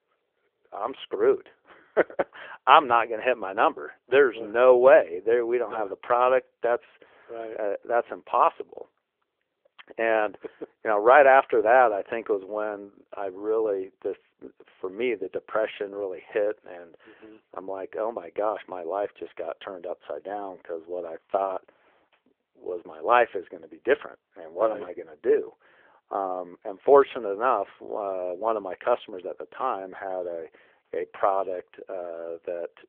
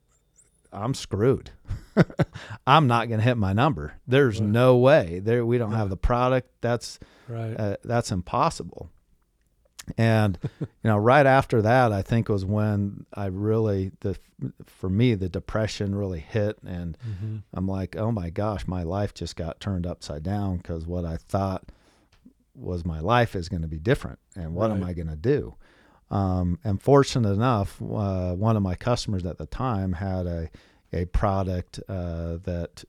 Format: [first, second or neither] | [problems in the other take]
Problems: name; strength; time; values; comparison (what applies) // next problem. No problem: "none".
second | phone-call audio; nothing above 3.5 kHz